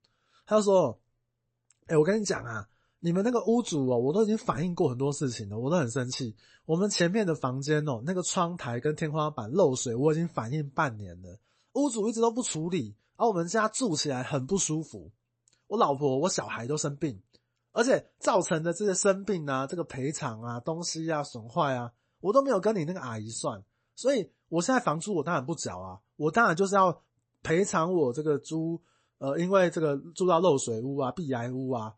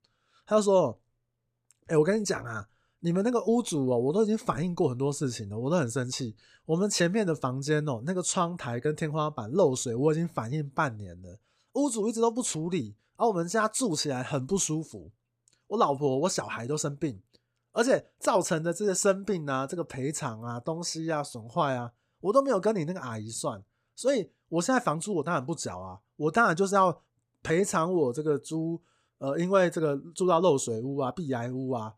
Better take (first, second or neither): second